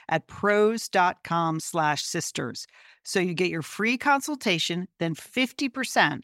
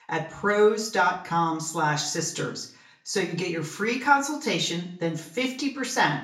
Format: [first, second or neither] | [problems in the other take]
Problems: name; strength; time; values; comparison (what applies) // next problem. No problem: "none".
first | room echo; slight; dies away in 0.4 s // off-mic speech; far